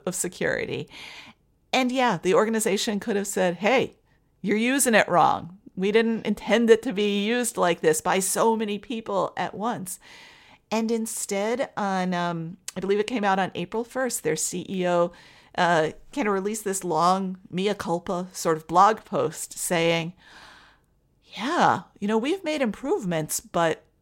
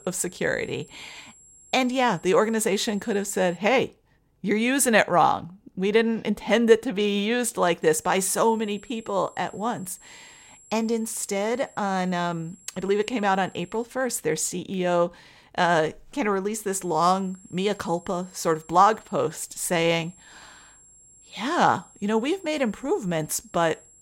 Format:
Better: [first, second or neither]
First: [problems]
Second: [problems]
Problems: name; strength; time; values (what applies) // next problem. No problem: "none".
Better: first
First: none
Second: high-pitched whine; faint; until 3.5 s, from 8 to 14 s and from 17 s on; 7.5 kHz, 25 dB below the speech